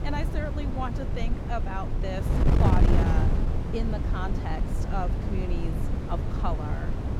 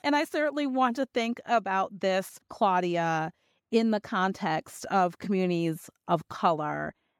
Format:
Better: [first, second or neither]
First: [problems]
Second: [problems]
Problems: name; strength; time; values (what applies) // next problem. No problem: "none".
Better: second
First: wind noise on the microphone; heavy; 1 dB below the speech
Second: none